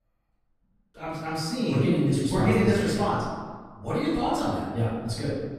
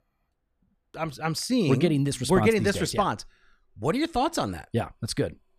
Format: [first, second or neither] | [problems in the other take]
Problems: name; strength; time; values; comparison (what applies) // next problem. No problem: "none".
second | off-mic speech; far // room echo; strong; dies away in 1.4 s